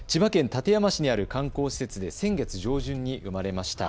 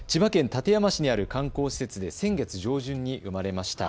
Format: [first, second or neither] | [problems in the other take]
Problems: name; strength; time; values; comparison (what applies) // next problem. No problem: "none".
second | background sound (Engine starting / Motor vehicle (road)); 16 dB below the speech